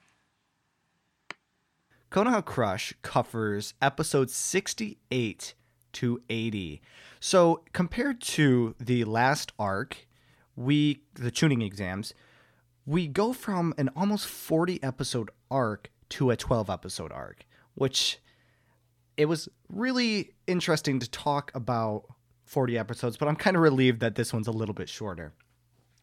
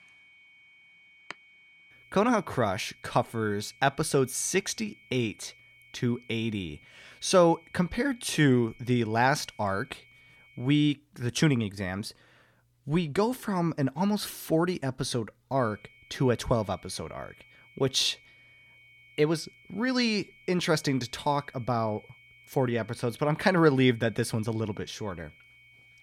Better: first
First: none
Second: high-pitched whine; faint; until 11 s and from 16 s on; 2 kHz, 25 dB below the speech

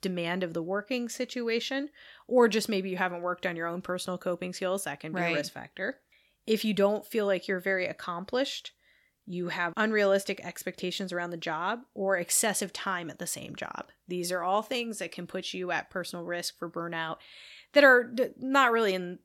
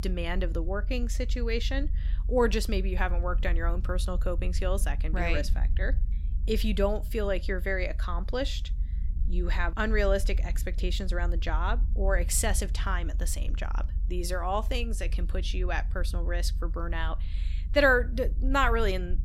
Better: first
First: none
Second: low rumble; faint; throughout; 20 dB below the speech

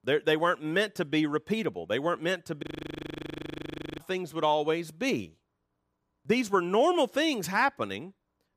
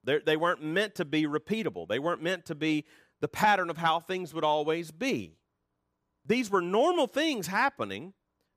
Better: second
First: audio freezing; at 2.5 s for 1.5 s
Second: none

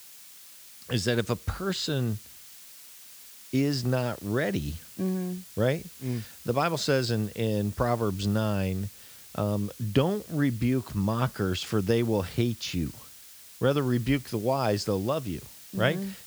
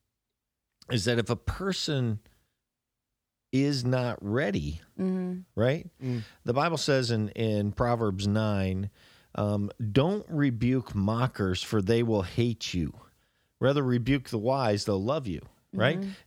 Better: second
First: hiss; noticeable; throughout; 15 dB below the speech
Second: none

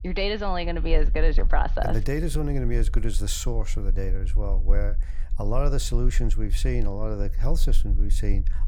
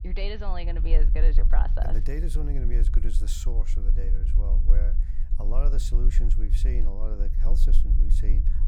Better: first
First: low rumble; faint; throughout; 20 dB below the speech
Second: low rumble; loud; throughout; 9 dB below the speech

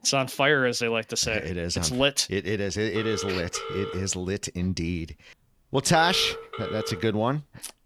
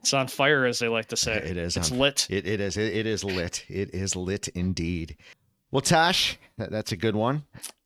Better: second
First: phone ringing; noticeable; from 3 to 7 s; peak 8 dB below the speech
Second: none

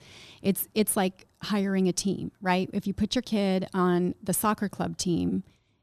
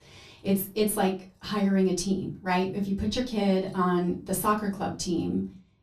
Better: first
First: none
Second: off-mic speech; far // room echo; very slight; dies away in 0.3 s

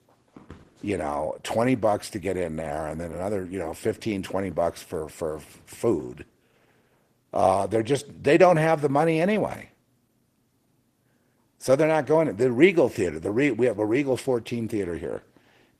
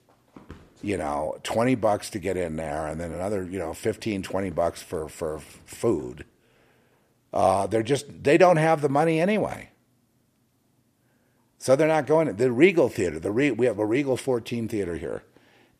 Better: second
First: garbled, watery; slightly; nothing above 14.5 kHz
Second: none

